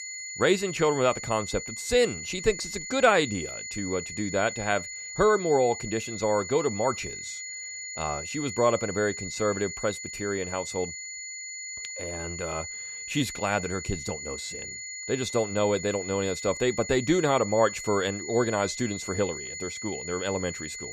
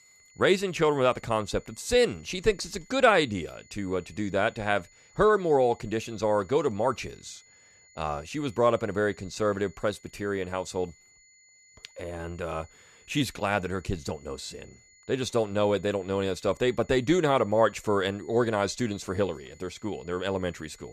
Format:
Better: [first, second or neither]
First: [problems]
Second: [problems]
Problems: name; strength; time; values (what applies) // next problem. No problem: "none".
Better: second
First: high-pitched whine; loud; throughout; 2 kHz, 8 dB below the speech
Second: high-pitched whine; faint; throughout; 2 kHz, 30 dB below the speech